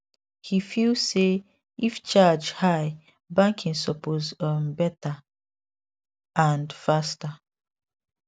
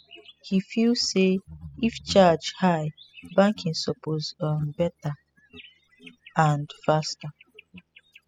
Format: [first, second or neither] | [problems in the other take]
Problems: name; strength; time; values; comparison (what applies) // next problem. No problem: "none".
first | noise reduction (classical method spectral subtraction)